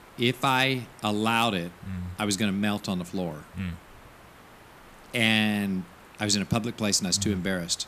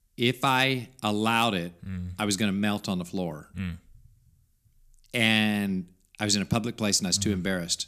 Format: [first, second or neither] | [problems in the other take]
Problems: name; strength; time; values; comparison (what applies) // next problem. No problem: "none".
second | hiss; faint; throughout; 25 dB below the speech